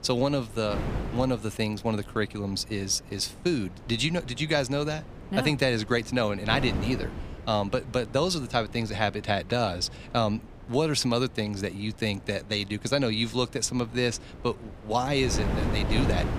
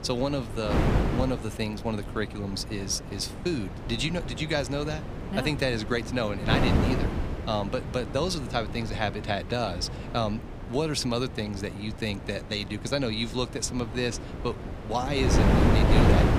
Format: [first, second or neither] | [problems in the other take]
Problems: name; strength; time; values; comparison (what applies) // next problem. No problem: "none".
first | wind noise on the microphone; heavy; 3 dB below the speech; occasional gusts in the first